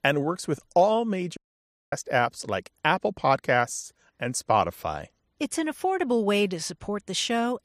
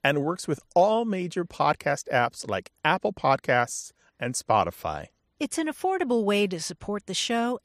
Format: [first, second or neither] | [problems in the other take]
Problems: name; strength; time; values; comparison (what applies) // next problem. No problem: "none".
second | audio cutting out; at 1.5 s for 0.5 s